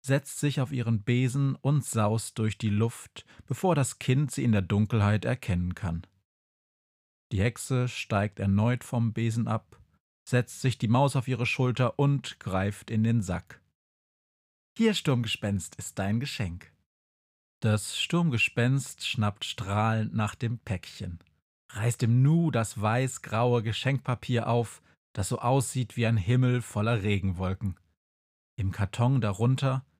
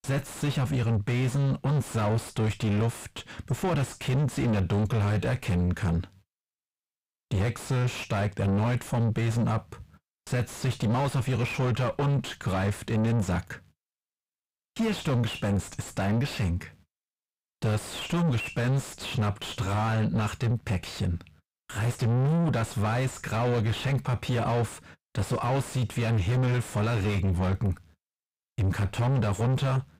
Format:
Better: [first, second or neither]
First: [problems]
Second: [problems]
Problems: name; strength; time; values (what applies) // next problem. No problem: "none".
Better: first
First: none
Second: distortion; heavy; 5 dB below the speech